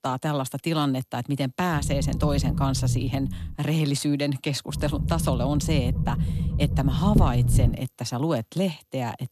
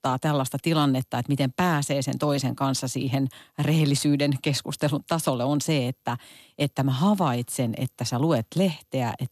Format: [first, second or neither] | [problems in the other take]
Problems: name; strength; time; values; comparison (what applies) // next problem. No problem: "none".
second | low rumble; loud; from 2 to 3.5 s and from 4.5 to 7.5 s; 8 dB below the speech